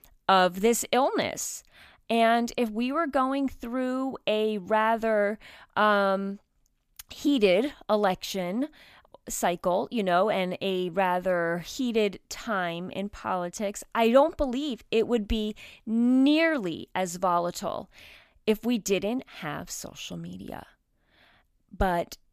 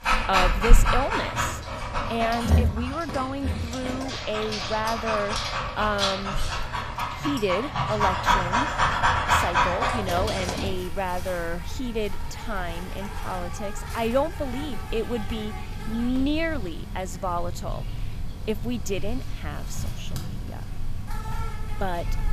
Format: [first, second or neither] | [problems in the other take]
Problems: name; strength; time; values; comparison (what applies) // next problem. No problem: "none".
first | animal sounds; very loud; throughout; 2 dB above the speech